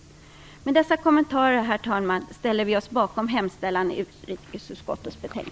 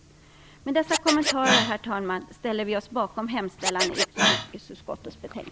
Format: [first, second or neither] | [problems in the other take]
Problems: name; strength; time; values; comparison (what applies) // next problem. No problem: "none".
first | background sound (Scratching (performance technique)); 1 dB below the speech